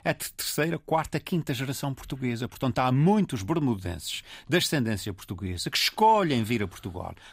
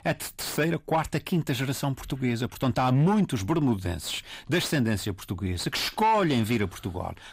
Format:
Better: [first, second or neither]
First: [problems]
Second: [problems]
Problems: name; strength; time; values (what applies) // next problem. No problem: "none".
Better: first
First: none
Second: distortion; slight; 10 dB below the speech